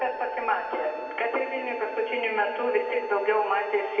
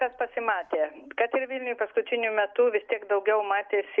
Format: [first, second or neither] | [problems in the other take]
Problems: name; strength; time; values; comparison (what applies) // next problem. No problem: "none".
second | background sound (Wind instrument, woodwind instrument); 11 dB below the speech // room echo; dies away in 2.2 s